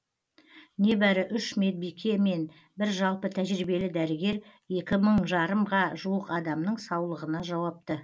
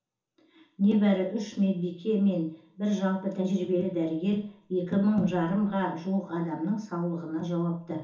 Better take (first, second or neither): first